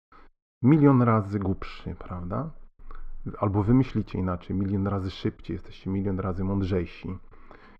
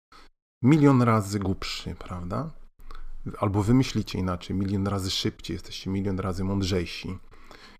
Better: second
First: muffled; very; fading above 4 kHz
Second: none

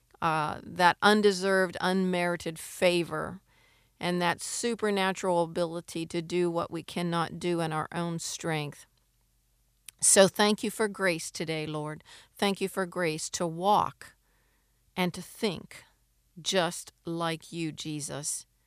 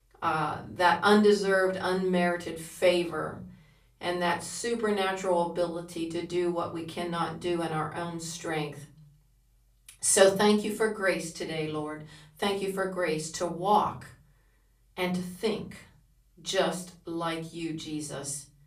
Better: first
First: none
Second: off-mic speech; far // room echo; slight; dies away in 0.4 s

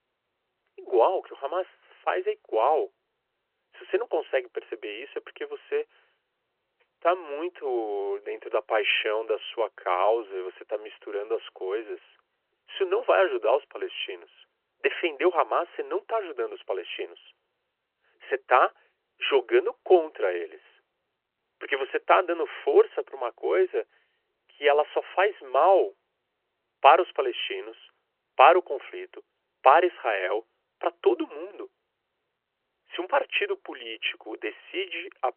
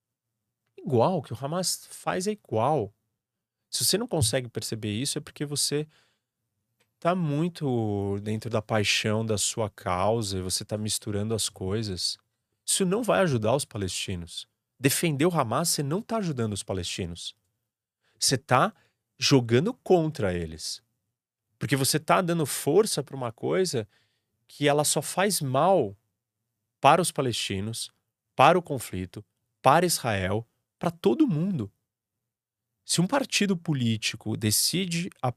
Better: second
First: phone-call audio; nothing above 3 kHz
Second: none

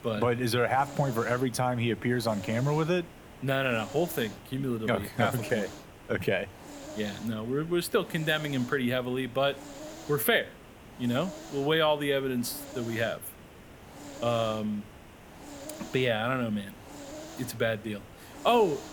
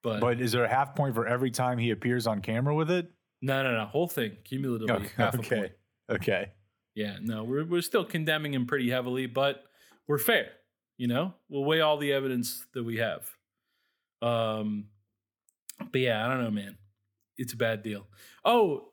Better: second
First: hiss; noticeable; throughout; 15 dB below the speech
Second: none

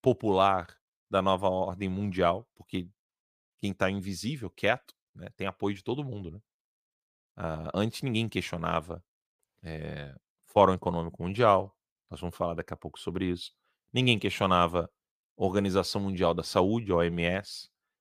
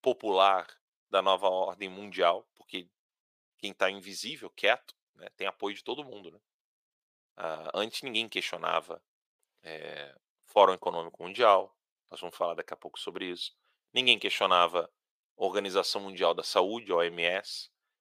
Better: first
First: none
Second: thin; very; fading below 500 Hz

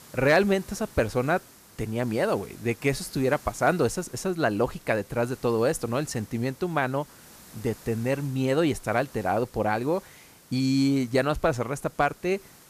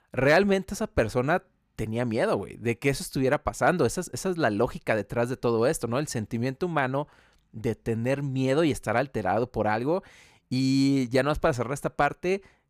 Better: second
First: hiss; faint; throughout; 20 dB below the speech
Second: none

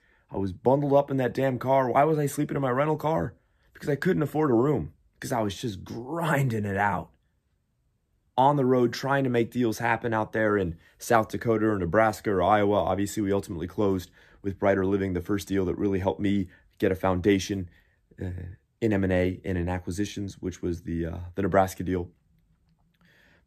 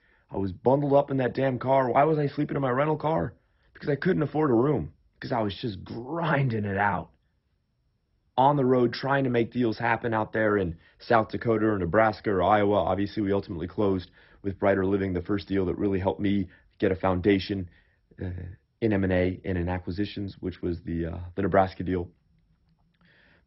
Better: first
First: none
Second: garbled, watery; badly; nothing above 5.5 kHz

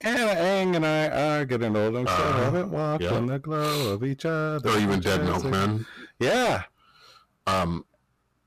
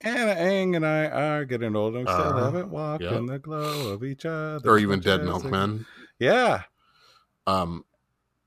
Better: second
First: distortion; heavy; 19% of the sound clipped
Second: none

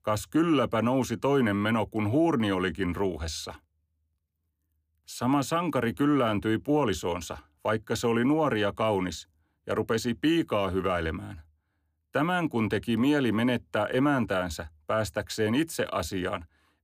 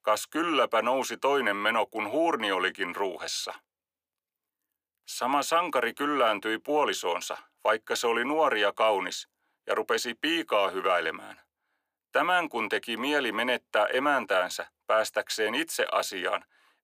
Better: first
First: none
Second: thin; somewhat; fading below 600 Hz

